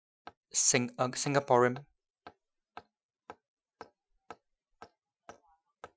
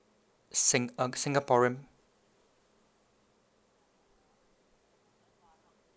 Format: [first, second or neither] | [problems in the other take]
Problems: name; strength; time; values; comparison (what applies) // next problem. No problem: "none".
second | noise reduction (classical method Wiener filter)